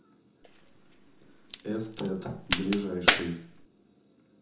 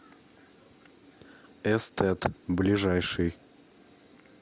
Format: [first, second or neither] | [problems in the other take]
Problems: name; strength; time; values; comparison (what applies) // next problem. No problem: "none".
second | background sound (Crack); 3 dB above the speech // room echo; dies away in 0.5 s